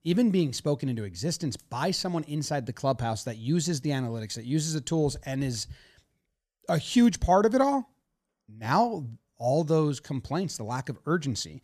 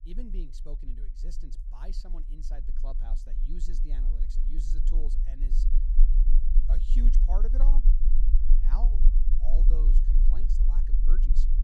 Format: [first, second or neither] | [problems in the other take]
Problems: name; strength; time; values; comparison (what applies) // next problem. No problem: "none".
first | low rumble; loud; throughout; 3 dB below the speech